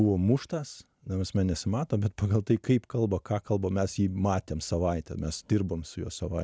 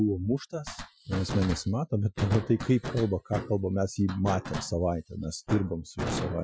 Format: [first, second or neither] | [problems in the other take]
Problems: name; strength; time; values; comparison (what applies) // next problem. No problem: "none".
first | noise reduction (classical method Wiener filter)